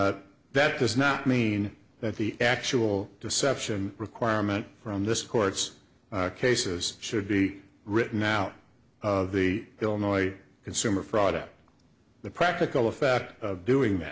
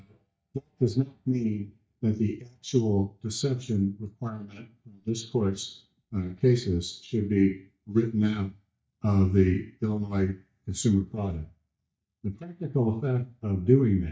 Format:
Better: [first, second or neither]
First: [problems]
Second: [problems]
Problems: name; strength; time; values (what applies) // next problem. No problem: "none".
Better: first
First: none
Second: noise reduction (neural mask model DeepFilterNet 3)